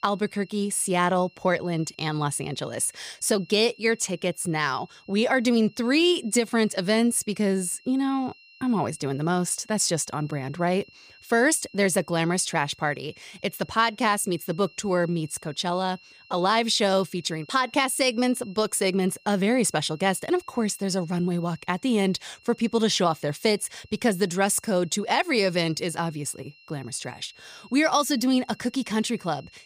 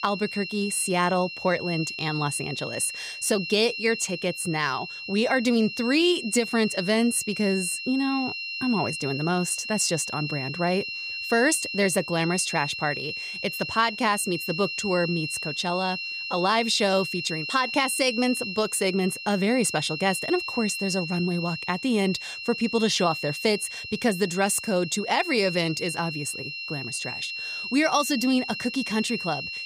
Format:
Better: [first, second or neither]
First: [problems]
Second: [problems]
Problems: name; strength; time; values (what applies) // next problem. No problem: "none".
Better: first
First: high-pitched whine; faint; throughout; 2.5 kHz, 25 dB below the speech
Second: high-pitched whine; loud; throughout; 2.5 kHz, 6 dB below the speech